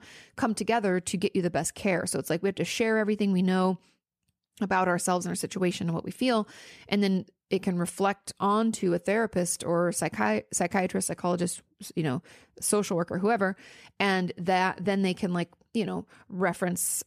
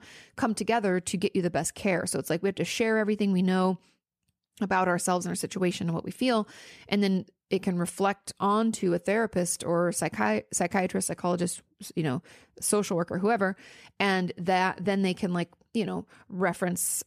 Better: neither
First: none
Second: none

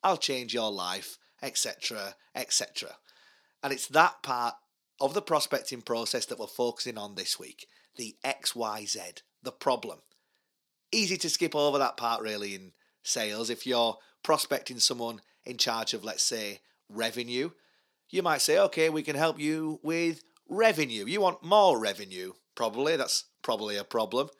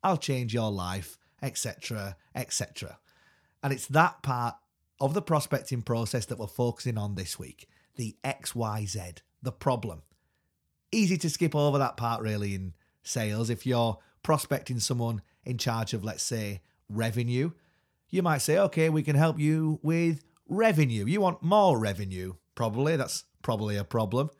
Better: second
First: thin; somewhat; fading below 300 Hz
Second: none

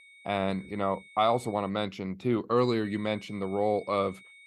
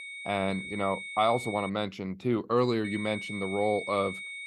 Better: first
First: high-pitched whine; faint; until 1.5 s and from 3 s on; 2 kHz, 20 dB below the speech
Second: high-pitched whine; loud; until 1.5 s and from 3 s on; 2 kHz, 8 dB below the speech

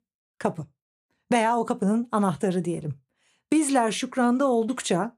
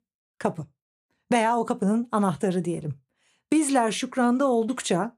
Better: neither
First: none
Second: none

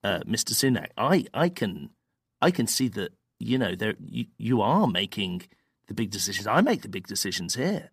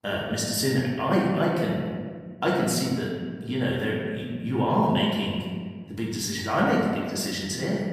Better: first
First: none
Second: room echo; noticeable; dies away in 1.6 s // off-mic speech; far

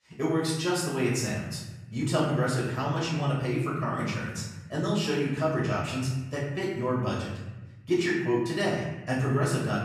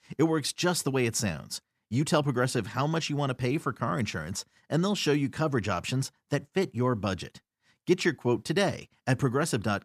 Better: second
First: off-mic speech; far // room echo; noticeable; dies away in 1.1 s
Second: none

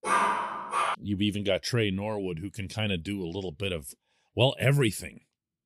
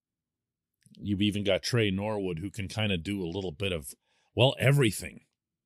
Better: second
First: dog barking; loud; at the start; peak 4 dB above the speech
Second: none

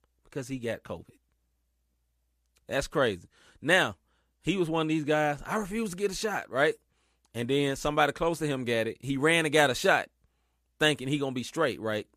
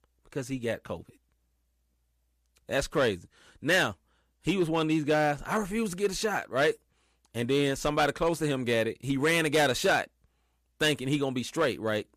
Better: first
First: none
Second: distortion; slight; 3% of the sound clipped

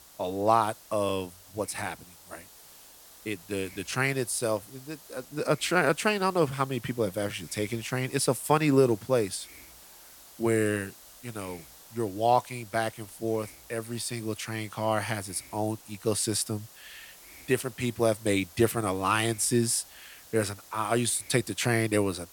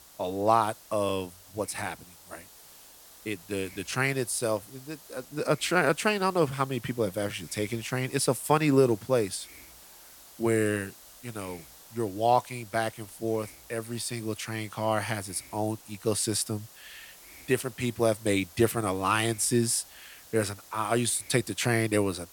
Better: neither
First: hiss; faint; throughout; 20 dB below the speech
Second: hiss; faint; throughout; 20 dB below the speech

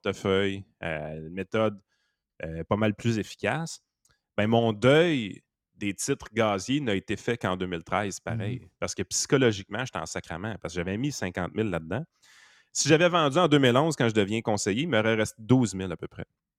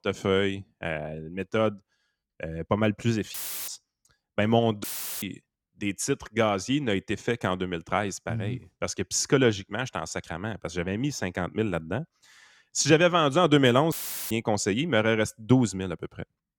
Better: first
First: none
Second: audio cutting out; filled with static; at 3.5 s, at 5 s and at 14 s

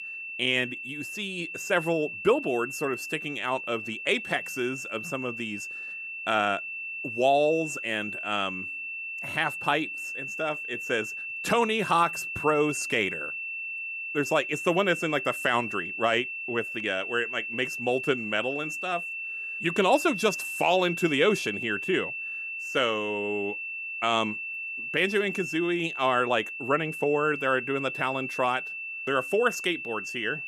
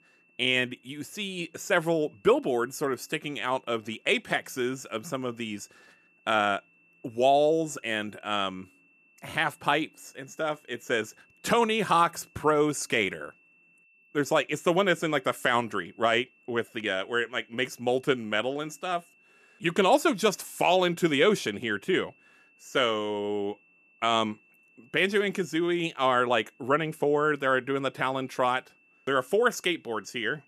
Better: second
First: high-pitched whine; loud; throughout; 2.5 kHz, 5 dB below the speech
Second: high-pitched whine; faint; throughout; 2.5 kHz, 35 dB below the speech

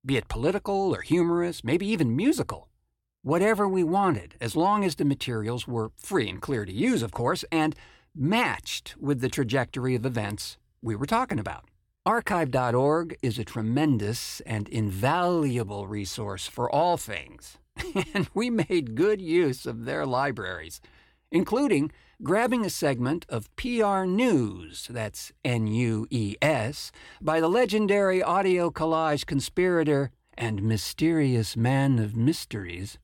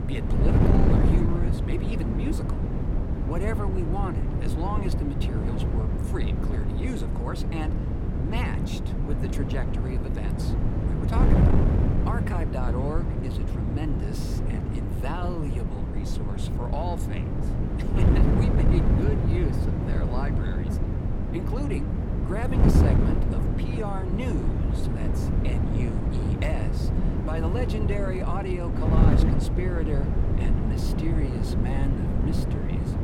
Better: first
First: none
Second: wind noise on the microphone; heavy; 2 dB above the speech

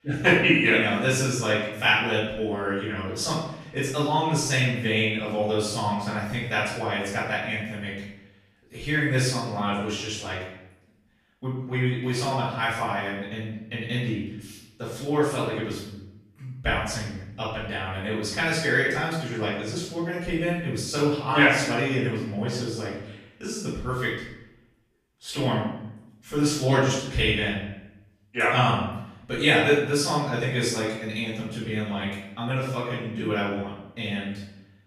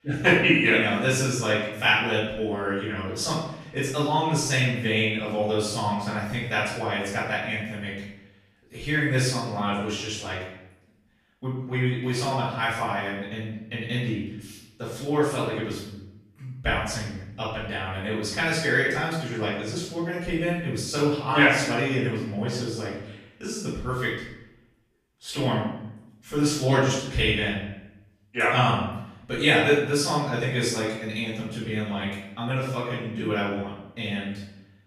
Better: neither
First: off-mic speech; far // room echo; noticeable; dies away in 0.7 s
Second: off-mic speech; far // room echo; noticeable; dies away in 0.7 s

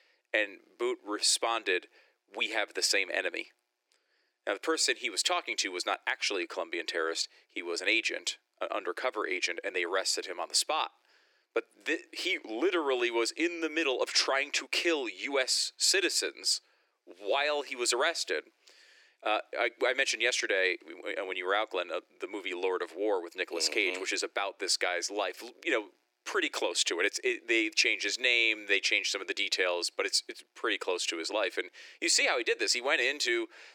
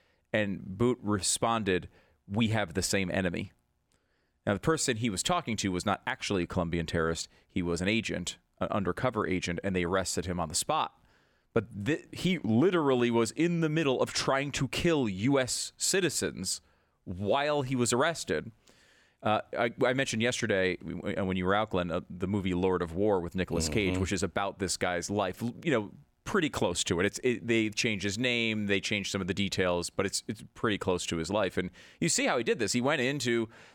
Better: second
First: thin; very; fading below 300 Hz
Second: none

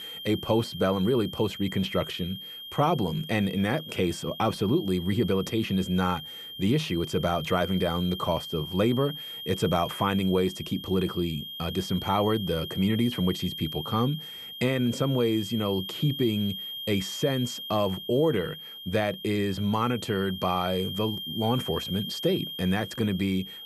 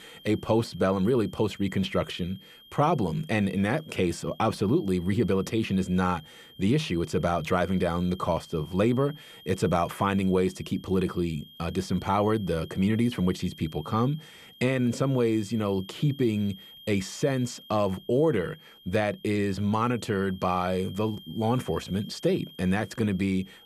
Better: second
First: high-pitched whine; loud; throughout; 3 kHz, 9 dB below the speech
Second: high-pitched whine; faint; throughout; 3 kHz, 20 dB below the speech

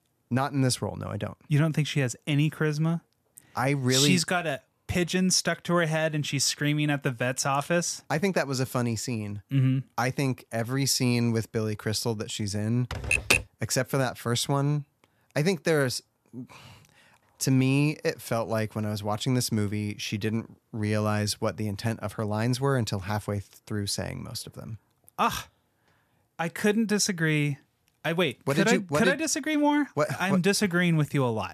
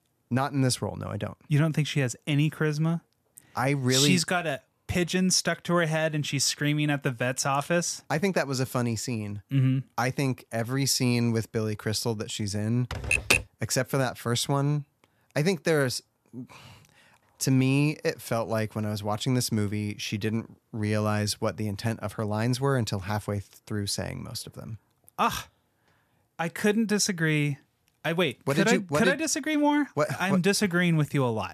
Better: neither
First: keyboard typing; loud; at 13 s; peak 5 dB above the speech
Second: keyboard typing; loud; at 13 s; peak 5 dB above the speech

